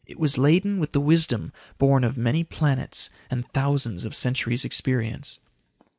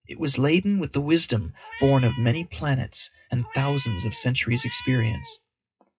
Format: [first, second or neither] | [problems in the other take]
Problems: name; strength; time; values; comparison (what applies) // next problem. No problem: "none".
first | noise reduction (classical method WPE with log-MMSE)